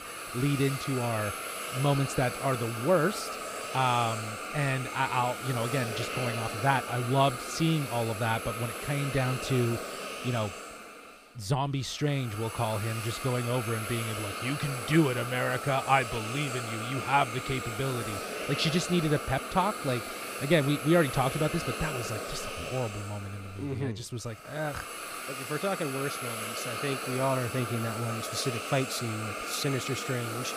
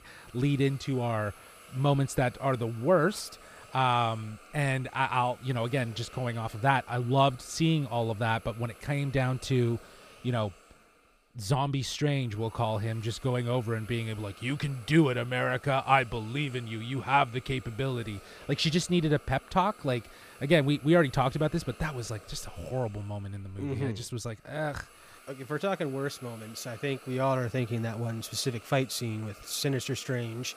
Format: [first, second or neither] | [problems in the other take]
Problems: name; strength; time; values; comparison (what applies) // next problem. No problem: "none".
second | hiss; loud; throughout; 5 dB below the speech; faint in the second